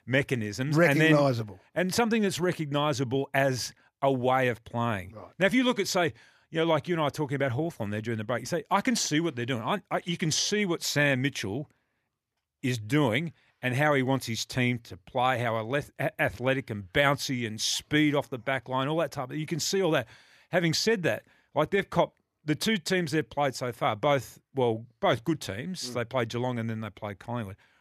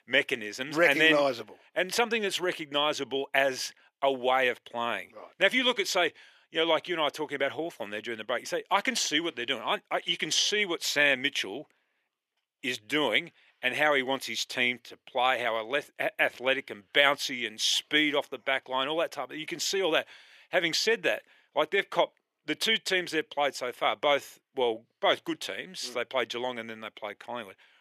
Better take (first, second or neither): first